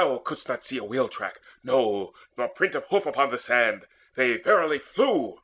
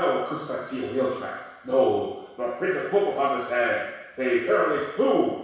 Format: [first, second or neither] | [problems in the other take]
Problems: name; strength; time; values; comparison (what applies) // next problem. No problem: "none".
first | room echo; dies away in 1.1 s